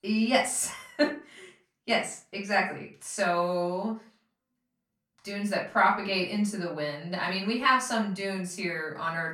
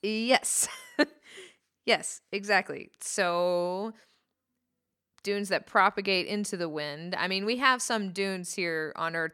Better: second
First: off-mic speech; far // room echo; slight; dies away in 0.3 s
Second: none

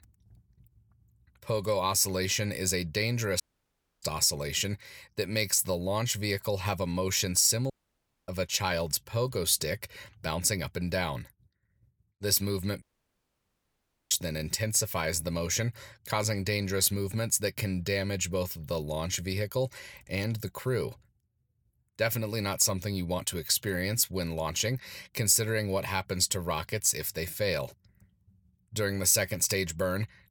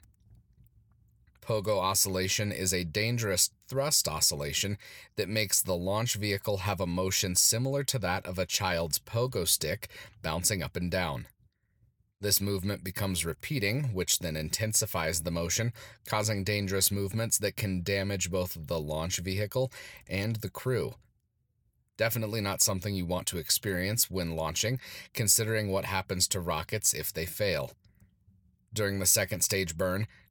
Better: second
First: audio cutting out; at 3.5 s for 0.5 s, at 7.5 s for 0.5 s and at 13 s for 1.5 s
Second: none

